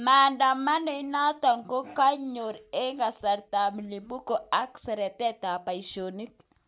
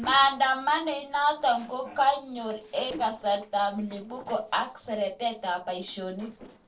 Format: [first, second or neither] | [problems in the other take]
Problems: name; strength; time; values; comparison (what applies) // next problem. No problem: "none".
first | noise reduction (neural separator model SepFormer DNS4)